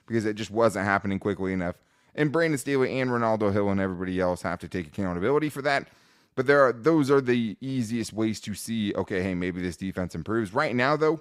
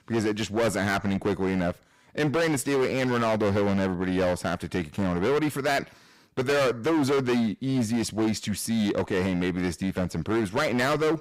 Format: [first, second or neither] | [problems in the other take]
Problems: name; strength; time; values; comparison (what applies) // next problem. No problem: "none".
first | distortion; heavy; 20% of the sound clipped